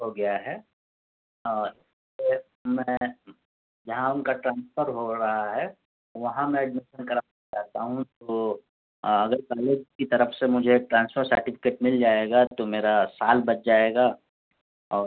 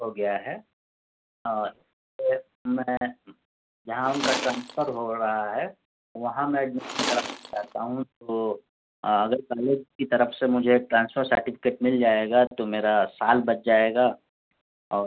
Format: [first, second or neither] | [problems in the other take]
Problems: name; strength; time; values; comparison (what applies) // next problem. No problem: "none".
first | background sound (Tools); 6 dB below the speech